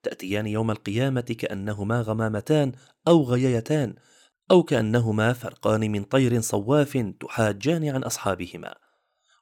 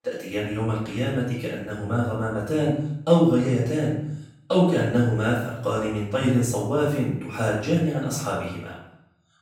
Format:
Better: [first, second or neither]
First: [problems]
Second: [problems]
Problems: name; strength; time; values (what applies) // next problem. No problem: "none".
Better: first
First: none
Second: off-mic speech; far // room echo; noticeable; dies away in 0.7 s